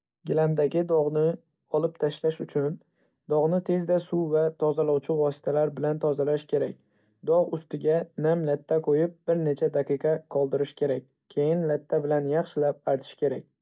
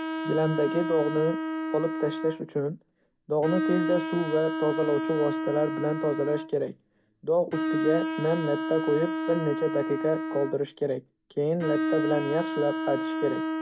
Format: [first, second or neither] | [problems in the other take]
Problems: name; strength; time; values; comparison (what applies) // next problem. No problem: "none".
first | background sound (Bowed string instrument); 3 dB below the speech